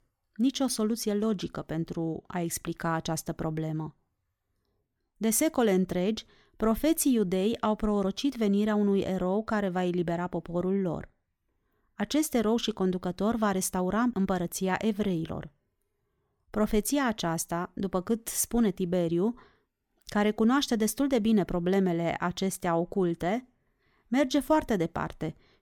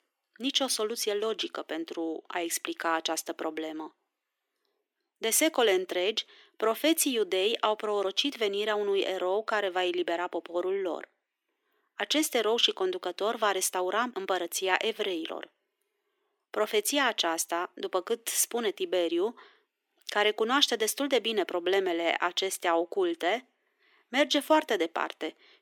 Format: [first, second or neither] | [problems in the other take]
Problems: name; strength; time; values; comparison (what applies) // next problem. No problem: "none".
first | thin; somewhat; fading below 300 Hz